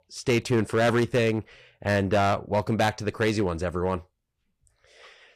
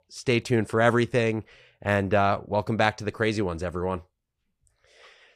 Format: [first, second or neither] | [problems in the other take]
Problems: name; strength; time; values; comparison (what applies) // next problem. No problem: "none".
second | distortion; slight; 5% of the sound clipped